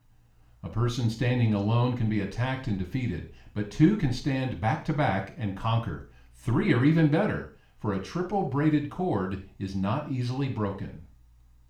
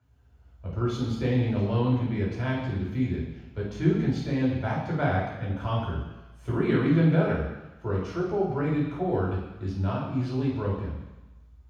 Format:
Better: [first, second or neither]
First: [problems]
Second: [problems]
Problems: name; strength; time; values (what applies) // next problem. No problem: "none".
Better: first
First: room echo; slight; dies away in 0.4 s // off-mic speech; somewhat distant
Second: room echo; strong; dies away in 1.1 s // off-mic speech; far